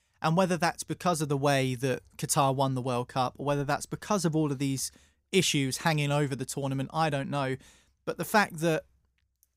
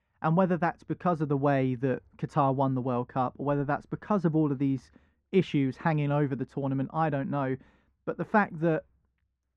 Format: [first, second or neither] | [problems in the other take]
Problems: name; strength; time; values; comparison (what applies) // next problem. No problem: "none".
first | muffled; very; fading above 1.5 kHz